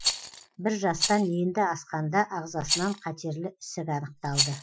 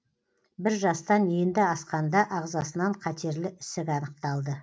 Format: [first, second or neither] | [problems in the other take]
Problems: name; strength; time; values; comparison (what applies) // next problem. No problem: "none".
second | noise reduction (classical method Wiener filter)